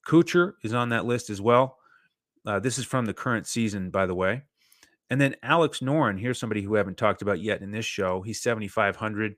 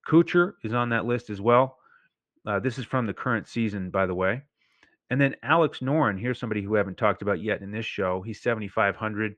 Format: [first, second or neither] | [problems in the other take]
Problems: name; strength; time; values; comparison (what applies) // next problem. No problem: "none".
first | muffled; slightly; fading above 2.5 kHz